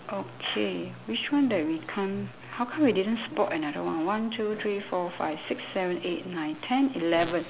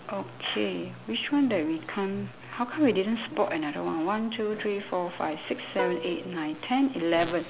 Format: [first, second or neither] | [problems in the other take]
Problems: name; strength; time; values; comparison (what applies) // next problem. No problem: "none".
first | background sound (Plucked string instrument); 9 dB below the speech